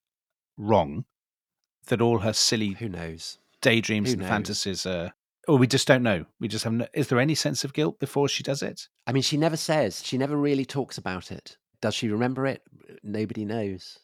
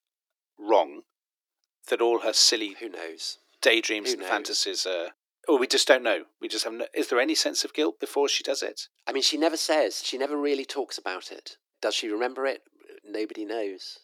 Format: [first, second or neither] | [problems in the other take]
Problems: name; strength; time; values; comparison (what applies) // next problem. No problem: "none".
first | thin; somewhat; fading below 300 Hz